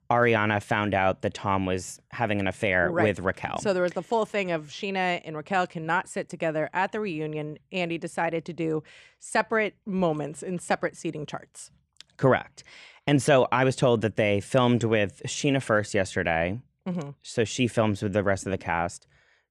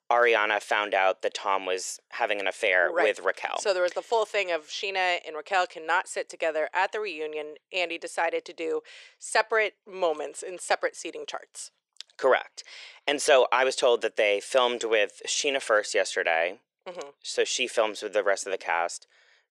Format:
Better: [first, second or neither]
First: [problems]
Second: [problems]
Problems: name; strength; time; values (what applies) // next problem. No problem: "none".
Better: first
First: none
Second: thin; very; fading below 450 Hz